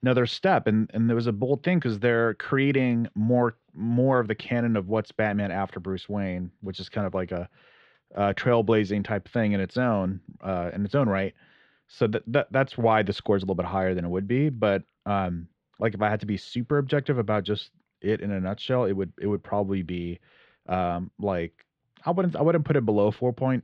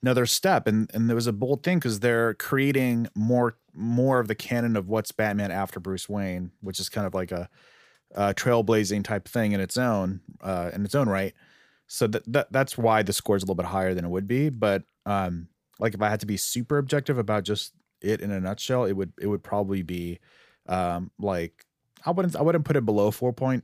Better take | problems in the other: second | muffled; slightly; fading above 3.5 kHz

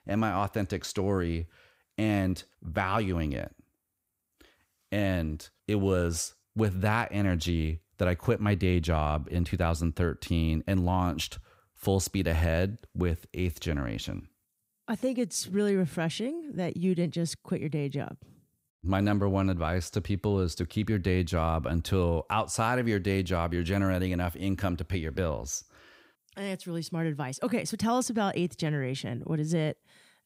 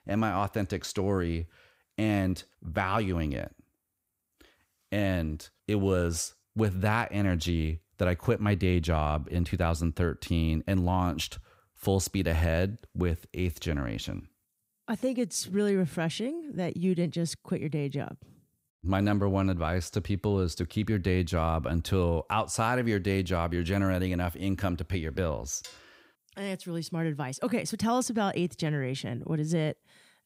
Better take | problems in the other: first | clattering dishes; faint; at 26 s; peak 15 dB below the speech

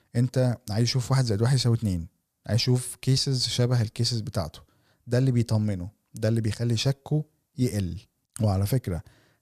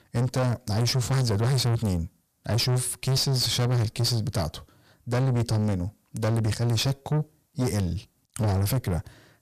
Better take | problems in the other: first | distortion; heavy; 8 dB below the speech

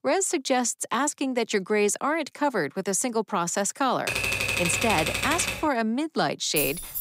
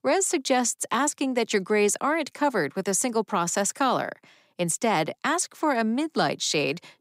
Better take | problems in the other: second | keyboard typing; loud; from 4 to 5.5 s; peak 2 dB above the speech // jangling keys; noticeable; at 6.5 s; peak 2 dB below the speech

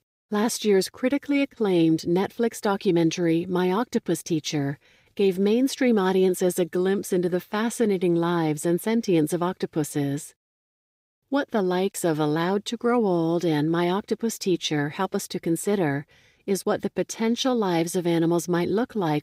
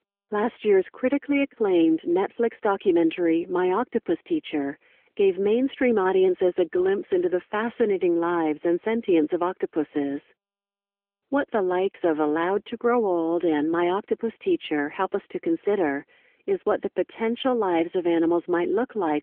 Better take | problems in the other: first | phone-call audio; nothing above 3.5 kHz

